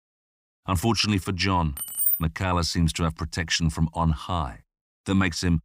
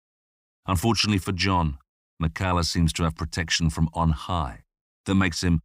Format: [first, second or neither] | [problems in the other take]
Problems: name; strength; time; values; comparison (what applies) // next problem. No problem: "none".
second | jangling keys; loud; at 2 s; peak 4 dB above the speech